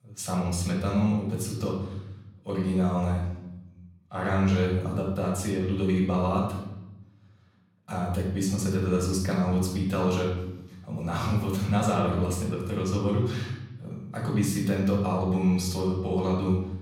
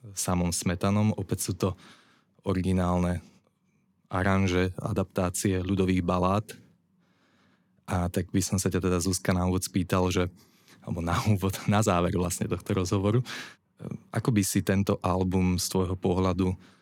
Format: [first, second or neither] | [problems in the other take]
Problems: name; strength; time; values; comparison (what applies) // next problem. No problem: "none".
second | off-mic speech; far // room echo; noticeable; dies away in 0.9 s